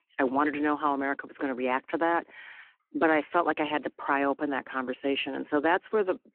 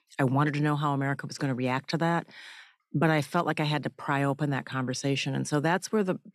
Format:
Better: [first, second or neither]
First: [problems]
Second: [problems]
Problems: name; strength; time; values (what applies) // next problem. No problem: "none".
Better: second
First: phone-call audio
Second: none